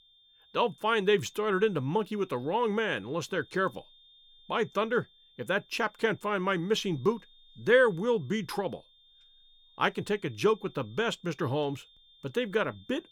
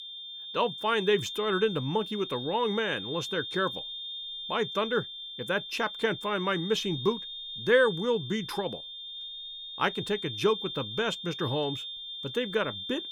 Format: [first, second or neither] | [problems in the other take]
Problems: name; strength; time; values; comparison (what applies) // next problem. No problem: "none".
first | high-pitched whine; loud; throughout; 3.5 kHz, 7 dB below the speech; faint in the first